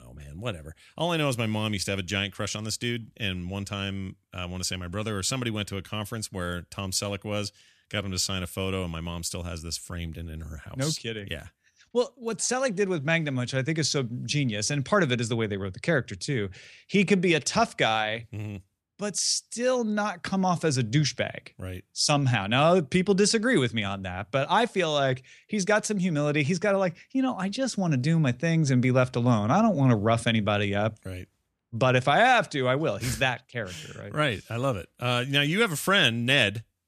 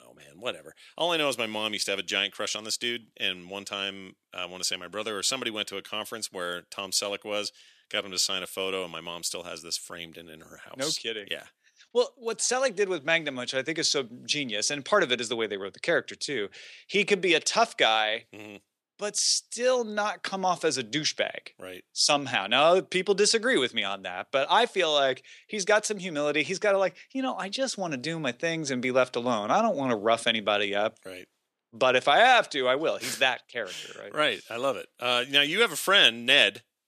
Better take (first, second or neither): first